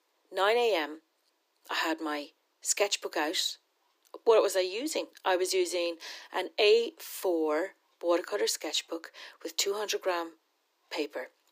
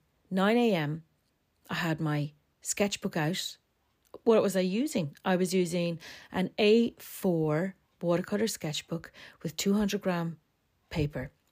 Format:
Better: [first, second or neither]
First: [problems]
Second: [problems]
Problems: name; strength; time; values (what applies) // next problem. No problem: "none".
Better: second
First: thin; very; fading below 300 Hz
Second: none